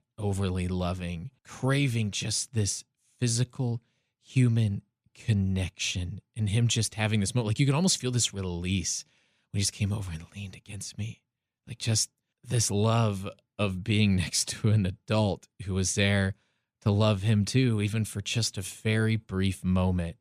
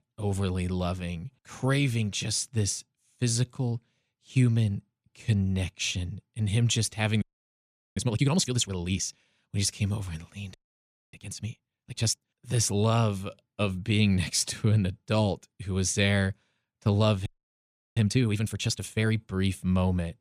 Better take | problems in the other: first | audio freezing; at 7 s for 0.5 s, at 11 s for 0.5 s and at 17 s for 0.5 s

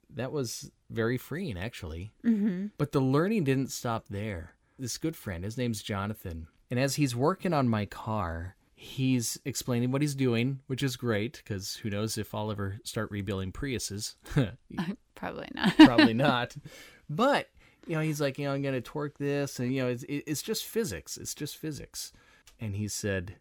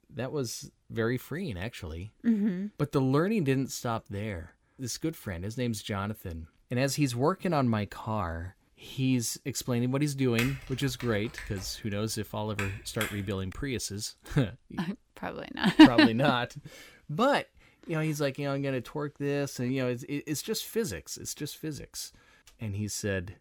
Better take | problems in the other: first | keyboard typing; noticeable; from 10 to 14 s; peak 6 dB below the speech

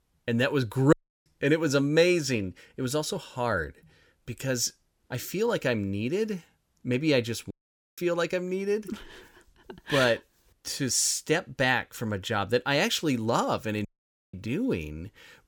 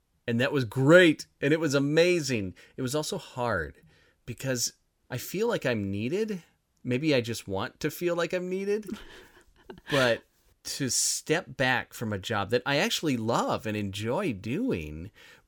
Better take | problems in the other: second | audio cutting out; at 1 s, at 7.5 s and at 14 s

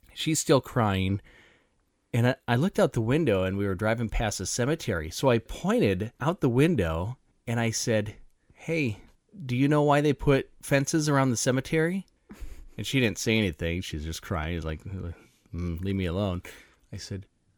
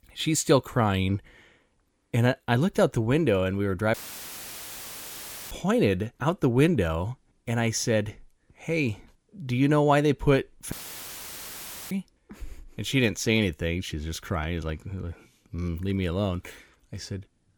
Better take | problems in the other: first | audio cutting out; filled with static; at 4 s for 1.5 s and at 11 s for 1 s

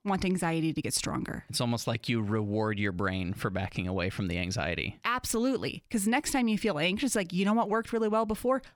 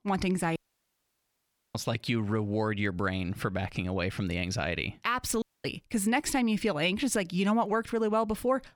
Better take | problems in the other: first | audio cutting out; at 0.5 s for 1 s and at 5.5 s

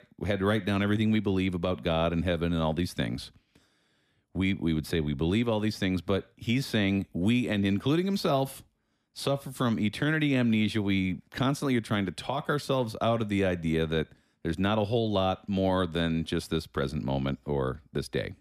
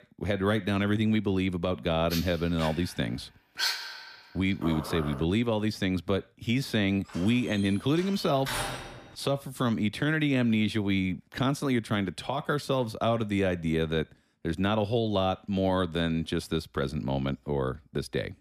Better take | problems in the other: first | dog barking; noticeable; from 2 to 5 s; peak level with the speech // door banging; noticeable; from 7 to 9 s; peak 3 dB below the speech

